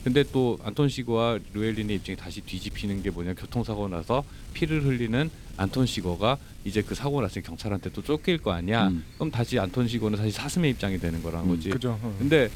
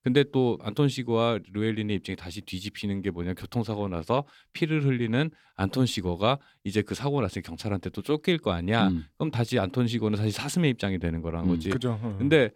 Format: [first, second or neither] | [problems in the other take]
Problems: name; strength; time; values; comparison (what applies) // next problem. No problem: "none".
second | wind noise on the microphone; occasional gusts; 20 dB below the speech